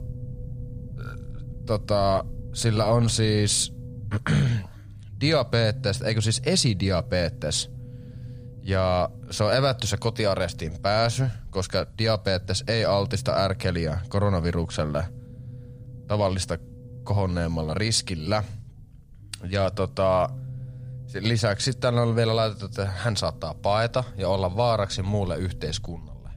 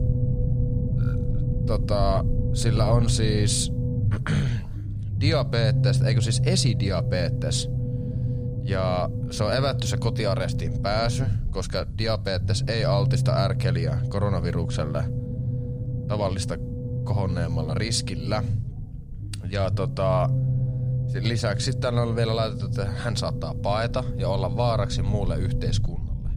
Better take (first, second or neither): first